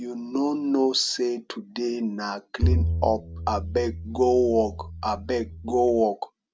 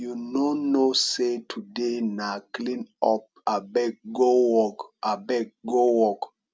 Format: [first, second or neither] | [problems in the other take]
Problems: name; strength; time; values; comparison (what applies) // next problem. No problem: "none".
second | background sound (Bowed string instrument); 3 dB below the speech